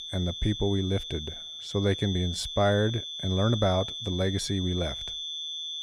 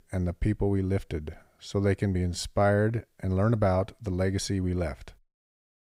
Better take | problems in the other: second | high-pitched whine; loud; throughout; 3.5 kHz, 6 dB below the speech

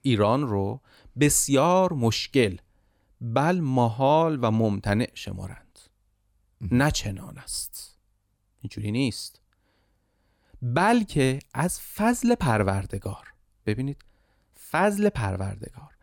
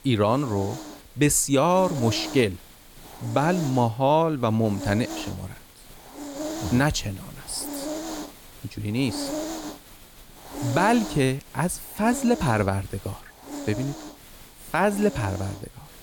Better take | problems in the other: first | hiss; noticeable; throughout; 10 dB below the speech

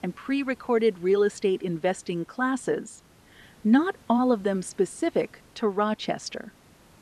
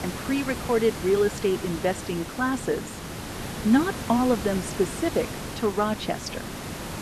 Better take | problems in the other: first | hiss; loud; throughout; 8 dB below the speech; faint in the first

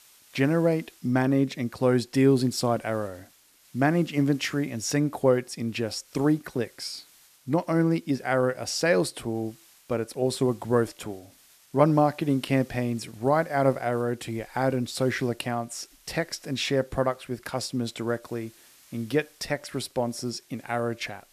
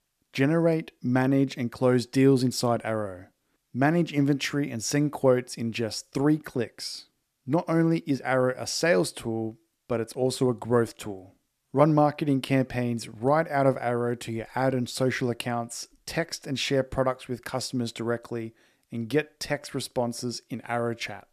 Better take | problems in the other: second | hiss; faint; throughout; 30 dB below the speech

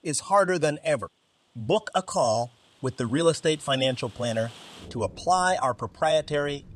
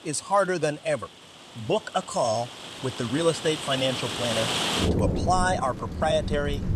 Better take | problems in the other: first | rain or running water; loud; throughout; 2 dB below the speech; faint in the first

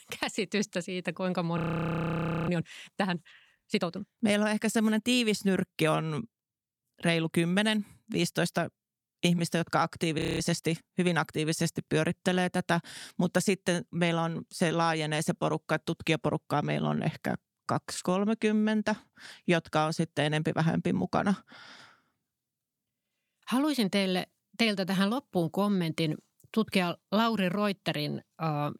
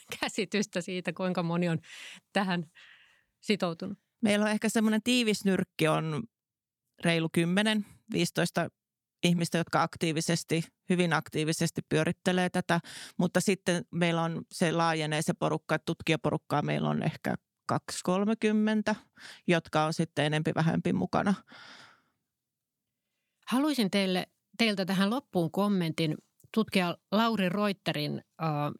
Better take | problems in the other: second | audio freezing; at 1.5 s for 1 s and at 10 s

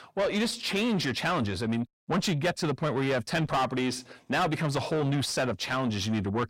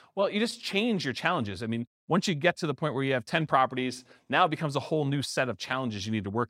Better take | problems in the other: second | distortion; heavy; 6 dB below the speech

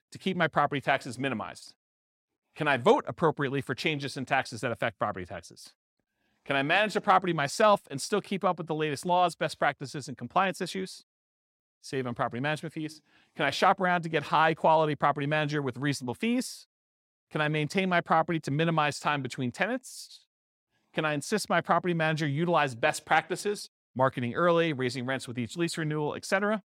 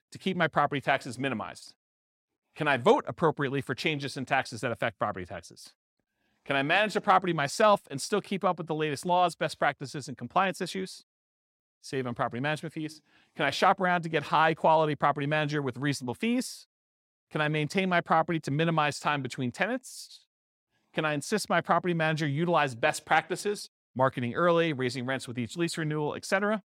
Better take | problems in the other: neither | none

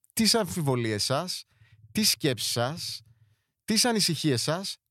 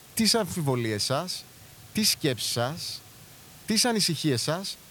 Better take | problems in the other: first | hiss; faint; throughout; 20 dB below the speech

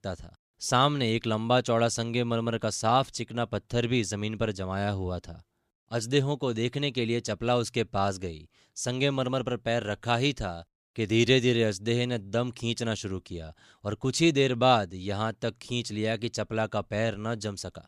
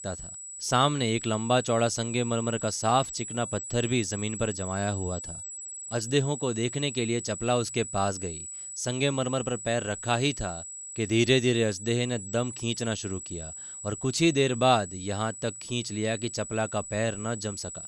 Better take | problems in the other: first | high-pitched whine; loud; throughout; 8 kHz, 9 dB below the speech

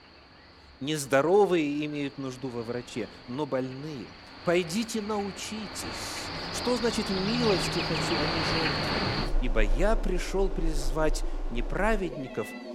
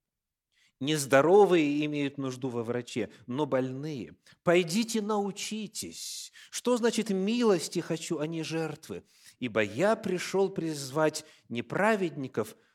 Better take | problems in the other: second | animal sounds; loud; throughout; 2 dB below the speech

